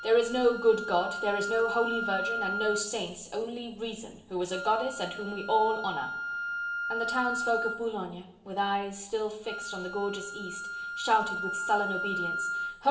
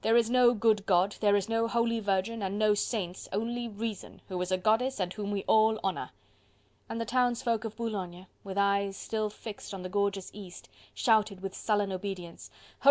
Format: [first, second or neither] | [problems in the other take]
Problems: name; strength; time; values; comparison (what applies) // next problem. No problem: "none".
second | background sound (Wind instrument, woodwind instrument); 5 dB below the speech // room echo; dies away in 0.8 s